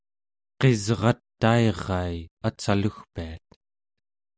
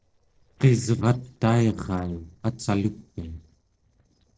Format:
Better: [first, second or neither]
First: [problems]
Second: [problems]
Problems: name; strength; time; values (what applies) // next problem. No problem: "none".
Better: first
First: none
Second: noise reduction (neural separator model SepFormer DNS4)